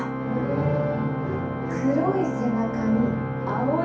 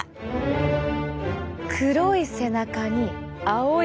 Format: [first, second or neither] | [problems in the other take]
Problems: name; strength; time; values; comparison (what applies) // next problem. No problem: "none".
second | background sound (Organ); 3 dB below the speech // room echo; dies away in 0.6 s